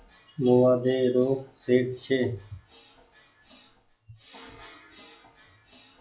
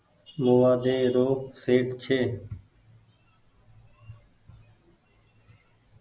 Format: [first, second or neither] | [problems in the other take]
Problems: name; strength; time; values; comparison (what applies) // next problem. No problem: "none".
second | noise reduction (classical method log-MMSE)